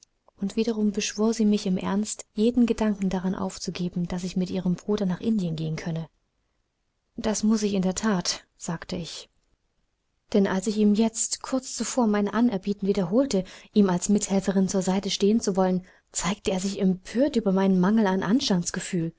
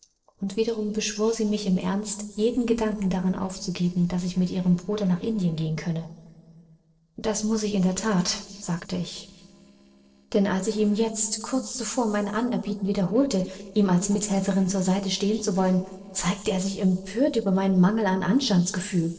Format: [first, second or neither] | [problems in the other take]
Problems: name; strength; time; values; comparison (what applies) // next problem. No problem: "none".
first | noise reduction (neural separator model SepFormer DNS4)